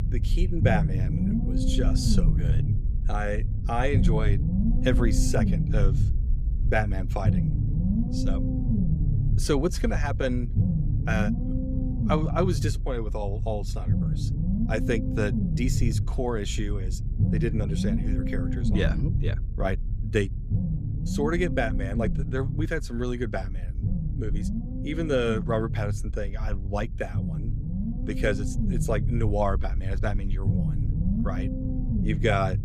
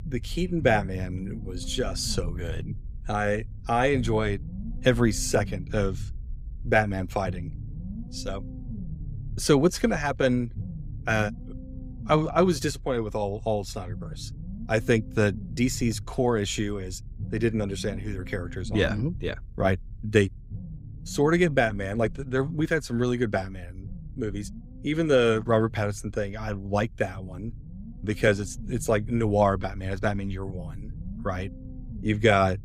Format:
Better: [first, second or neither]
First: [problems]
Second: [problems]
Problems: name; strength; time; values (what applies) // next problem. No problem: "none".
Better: second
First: low rumble; loud; throughout; 7 dB below the speech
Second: low rumble; faint; throughout; 25 dB below the speech